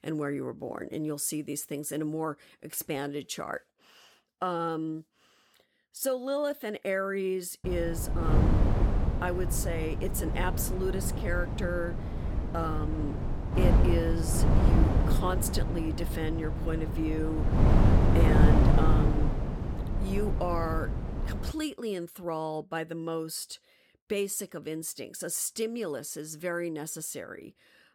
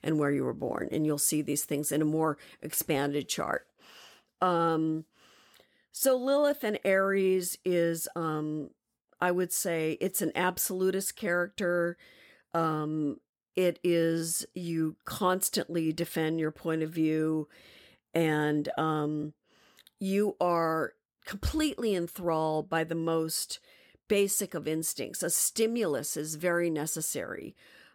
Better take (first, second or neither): second